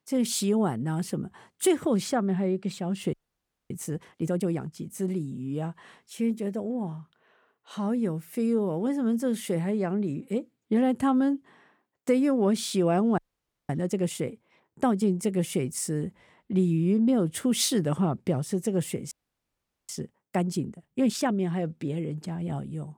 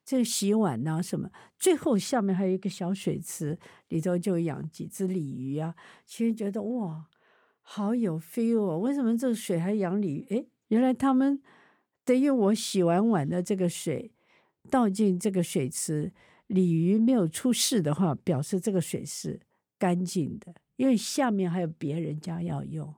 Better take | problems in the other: second | audio freezing; at 3 s for 0.5 s, at 13 s for 0.5 s and at 19 s for 1 s

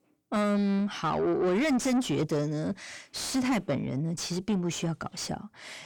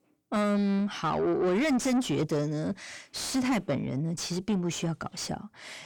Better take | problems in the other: neither | distortion; heavy; 7 dB below the speech; the same in both

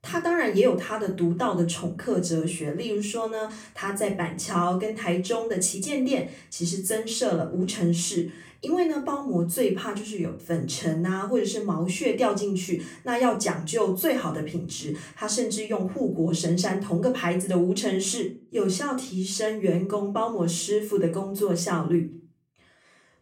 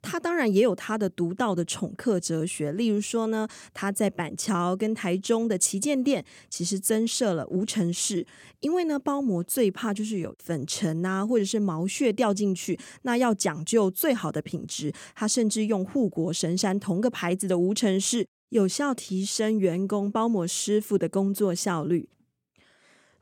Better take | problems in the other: second | off-mic speech; far // room echo; very slight; dies away in 0.3 s

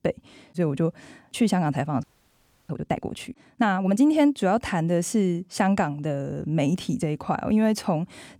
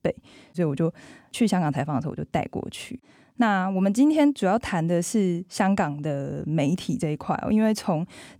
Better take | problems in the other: second | audio freezing; at 2 s for 0.5 s

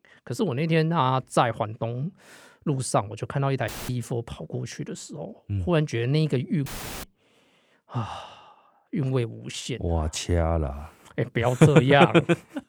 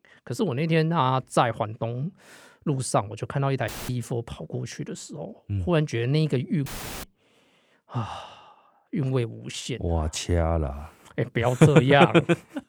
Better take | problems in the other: neither | audio cutting out; filled with static; at 3.5 s and at 6.5 s; the same in both

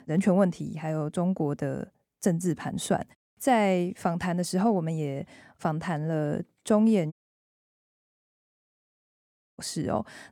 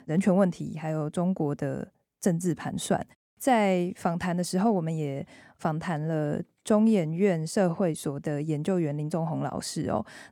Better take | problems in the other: second | audio cutting out; at 7 s for 2.5 s

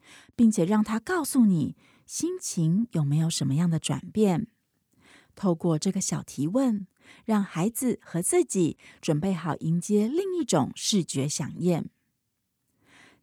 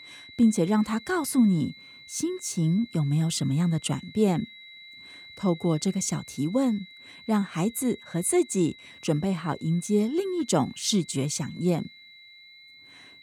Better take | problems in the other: first | high-pitched whine; noticeable; throughout; 2 kHz, 20 dB below the speech

